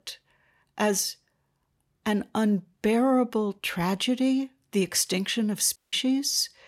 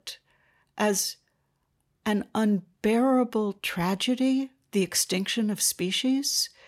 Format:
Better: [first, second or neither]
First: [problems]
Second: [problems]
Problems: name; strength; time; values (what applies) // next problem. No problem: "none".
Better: second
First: audio cutting out; at 6 s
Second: none